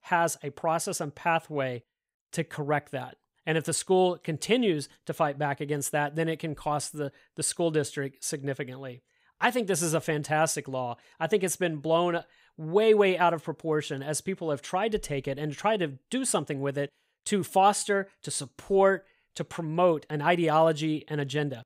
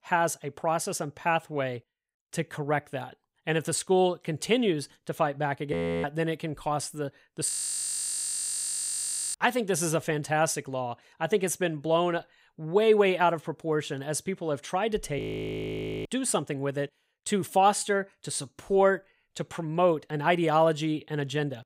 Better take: first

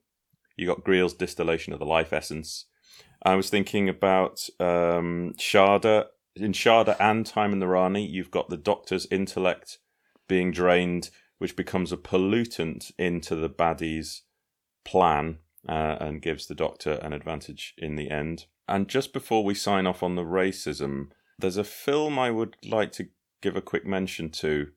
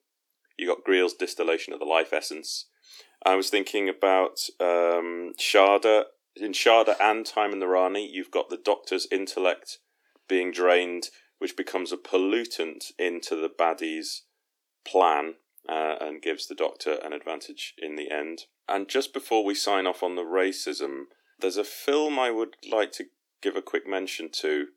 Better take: first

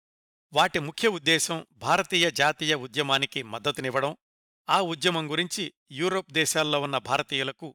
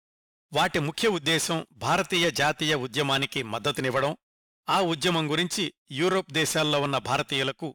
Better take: first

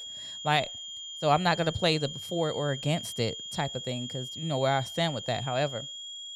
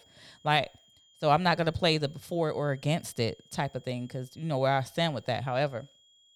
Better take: second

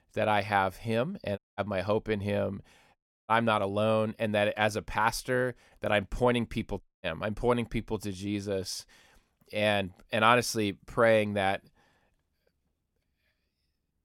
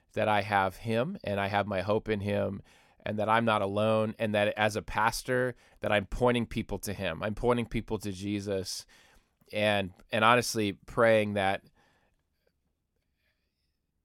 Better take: second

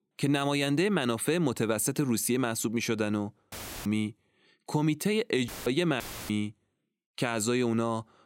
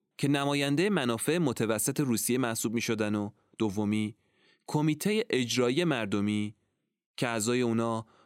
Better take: second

